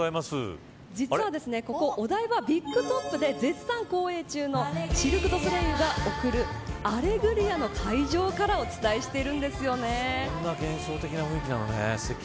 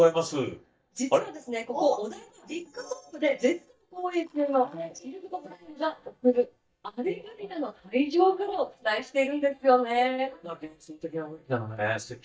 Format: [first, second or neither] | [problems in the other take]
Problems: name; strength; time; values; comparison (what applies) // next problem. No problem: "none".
first | noise reduction (neural mask model DeepFilterNet 3)